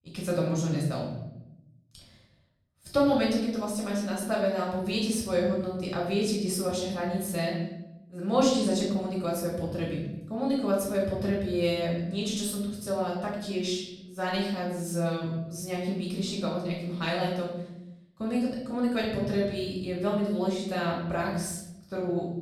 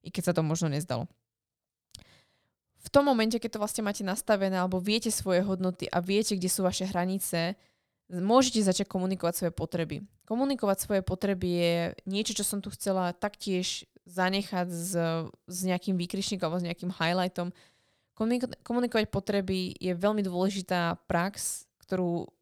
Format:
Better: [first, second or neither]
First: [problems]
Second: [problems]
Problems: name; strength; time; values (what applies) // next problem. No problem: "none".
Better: second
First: off-mic speech; far // room echo; noticeable; dies away in 0.9 s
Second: none